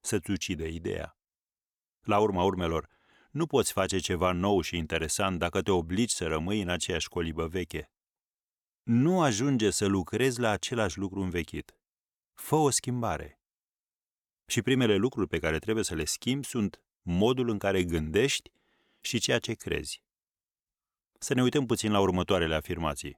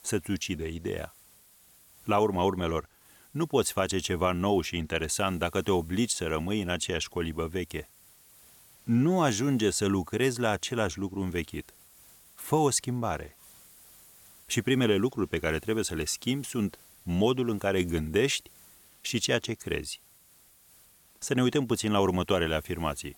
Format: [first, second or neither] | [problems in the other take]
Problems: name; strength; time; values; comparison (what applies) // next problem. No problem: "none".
first | hiss; faint; throughout; 25 dB below the speech